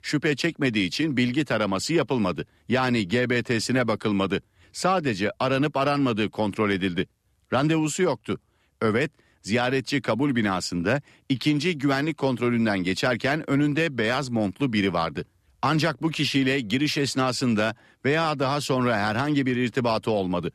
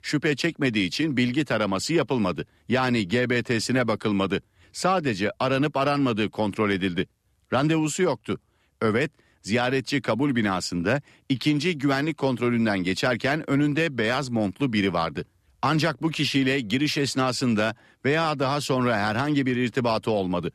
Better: neither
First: none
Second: none

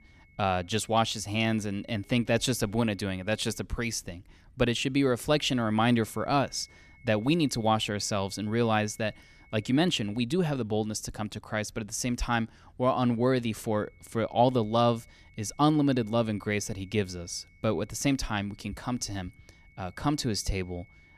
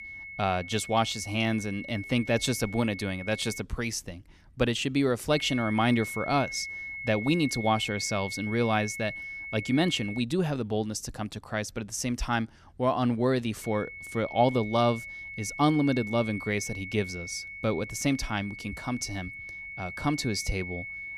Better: first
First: high-pitched whine; faint; until 3.5 s, from 5.5 to 10 s and from 14 s on; 2 kHz, 30 dB below the speech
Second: high-pitched whine; loud; until 3.5 s, from 5.5 to 10 s and from 14 s on; 2 kHz, 9 dB below the speech

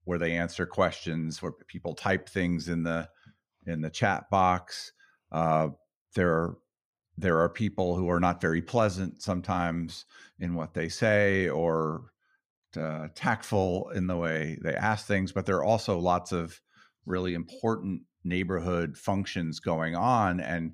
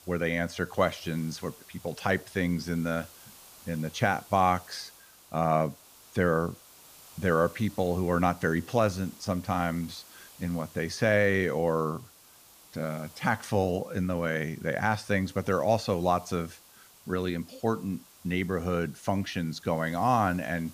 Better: first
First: none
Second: hiss; faint; throughout; 20 dB below the speech

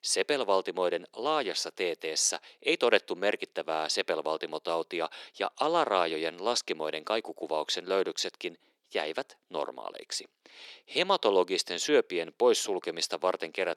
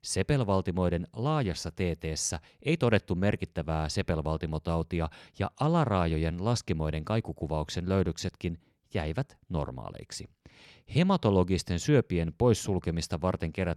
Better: second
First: thin; very; fading below 350 Hz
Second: none

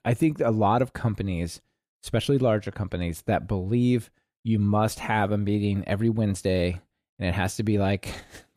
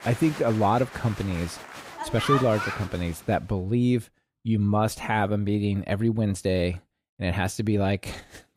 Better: first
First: none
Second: crowd noise; loud; until 3 s; 8 dB below the speech

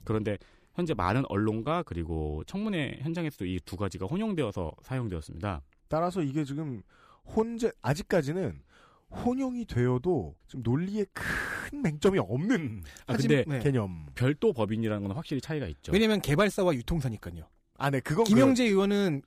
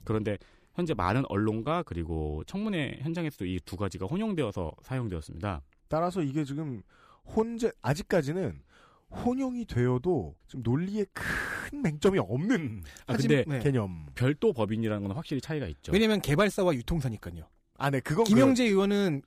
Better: neither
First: none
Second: none

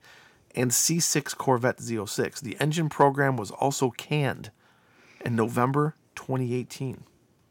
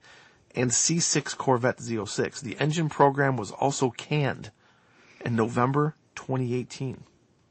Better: first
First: none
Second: garbled, watery; slightly; nothing above 8 kHz

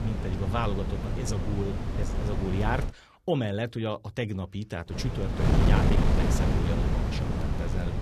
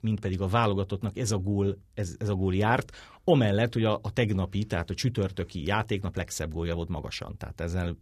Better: second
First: wind noise on the microphone; heavy; until 3 s and from 5 s on; as loud as the speech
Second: none

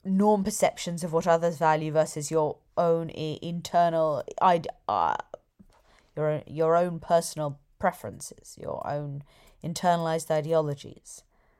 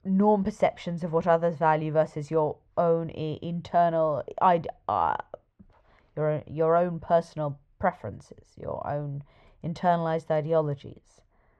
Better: first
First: none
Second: muffled; very; fading above 2.5 kHz

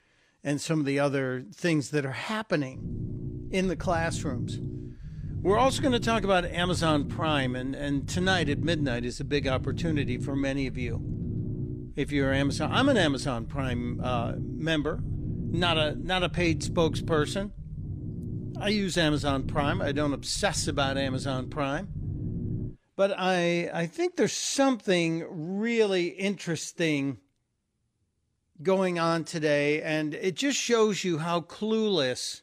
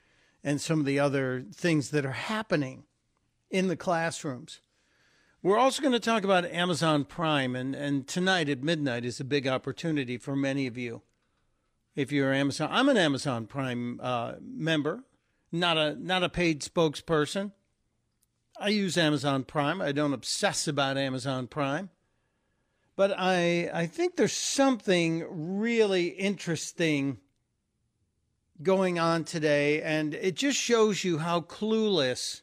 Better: second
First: low rumble; noticeable; from 3 to 23 s; 15 dB below the speech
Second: none

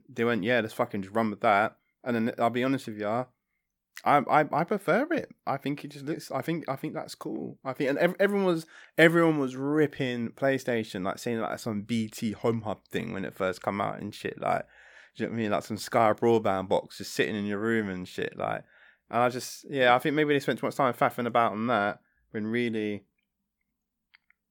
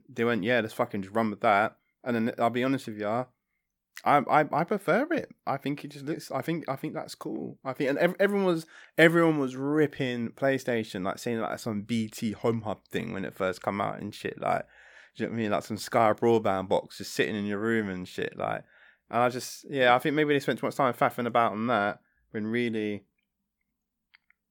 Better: neither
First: none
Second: none

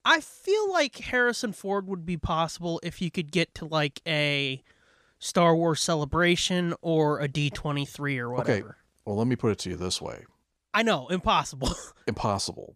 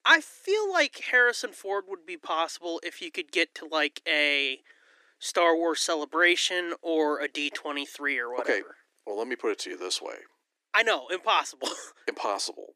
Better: first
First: none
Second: thin; very; fading below 300 Hz

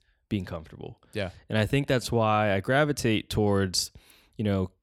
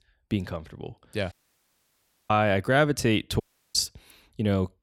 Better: first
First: none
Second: audio cutting out; at 1.5 s for 1 s and at 3.5 s

